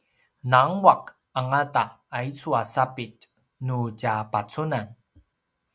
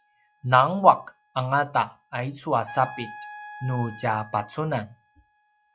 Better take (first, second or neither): first